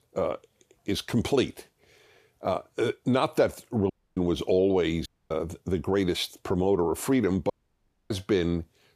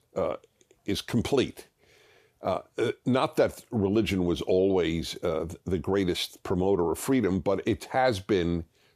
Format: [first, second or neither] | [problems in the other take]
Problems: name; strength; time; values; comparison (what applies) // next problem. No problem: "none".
second | audio cutting out; at 4 s, at 5 s and at 7.5 s for 0.5 s